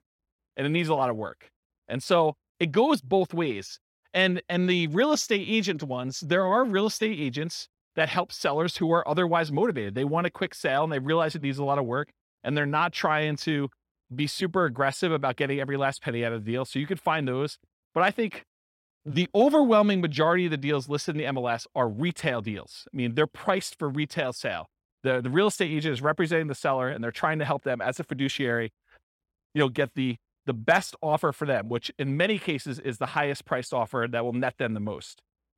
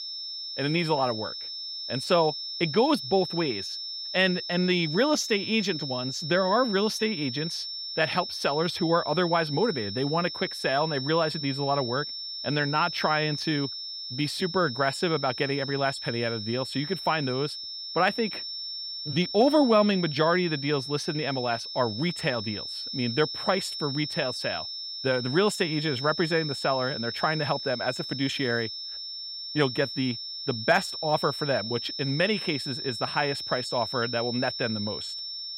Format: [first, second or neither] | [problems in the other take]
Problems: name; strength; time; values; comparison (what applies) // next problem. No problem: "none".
first | high-pitched whine; loud; throughout; 5.5 kHz, 6 dB below the speech